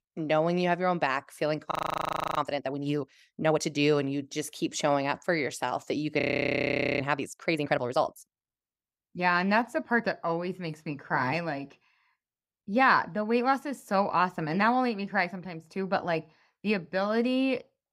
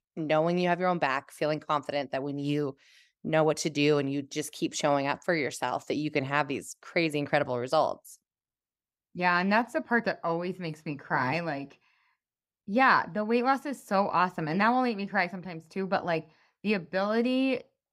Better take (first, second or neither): second